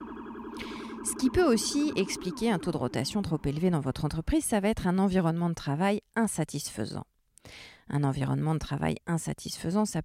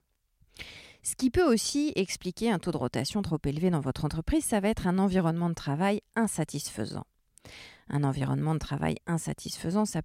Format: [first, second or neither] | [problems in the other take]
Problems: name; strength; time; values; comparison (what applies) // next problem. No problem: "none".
second | siren; faint; until 4 s; peak 10 dB below the speech